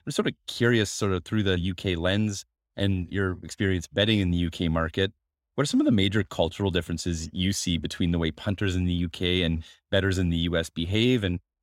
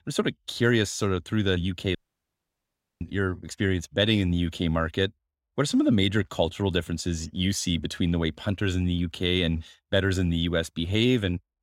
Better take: first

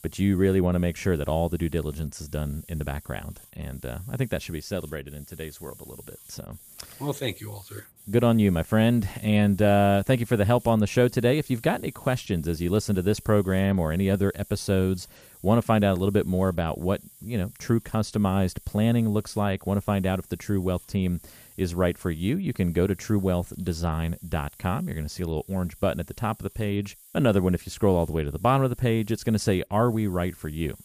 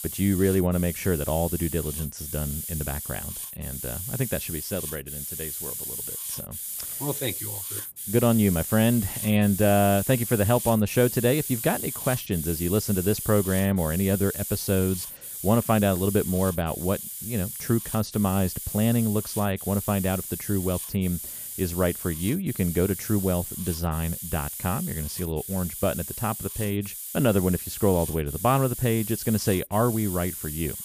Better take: first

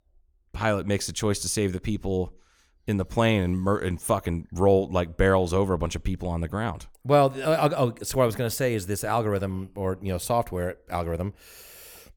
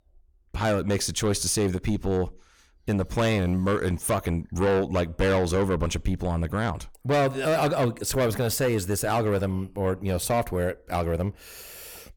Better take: first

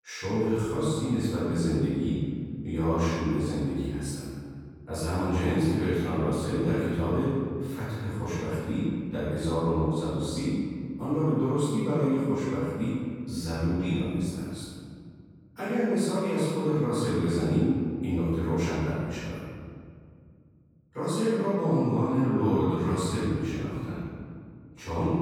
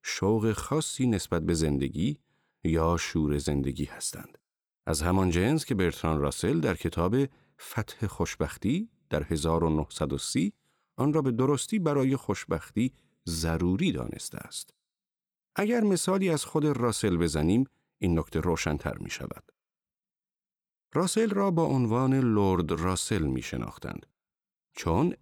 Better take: second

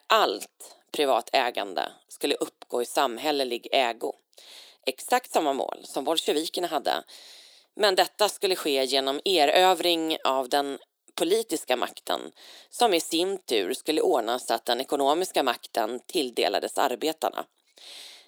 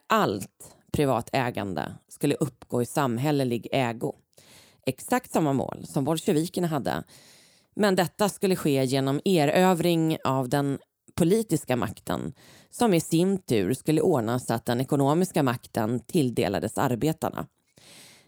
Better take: second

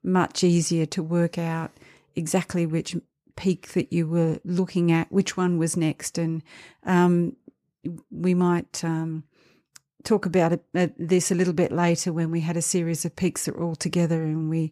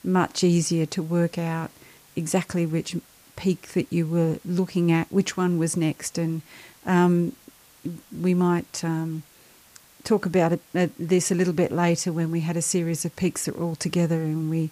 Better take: first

